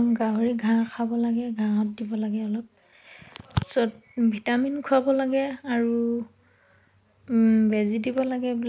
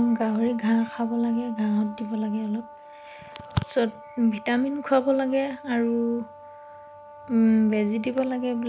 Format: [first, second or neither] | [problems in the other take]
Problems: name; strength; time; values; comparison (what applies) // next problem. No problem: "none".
first | background sound (Brass instrument); 18 dB below the speech